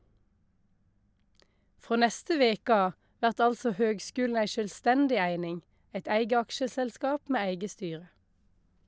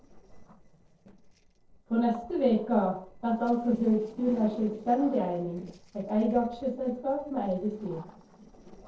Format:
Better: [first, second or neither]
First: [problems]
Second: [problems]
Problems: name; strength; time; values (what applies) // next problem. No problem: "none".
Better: first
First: none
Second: noise reduction (neural separator model SepFormer DNS4)